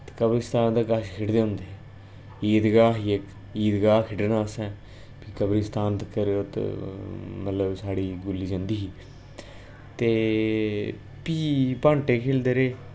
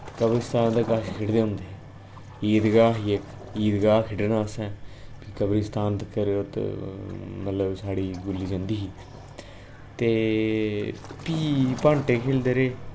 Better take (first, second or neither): first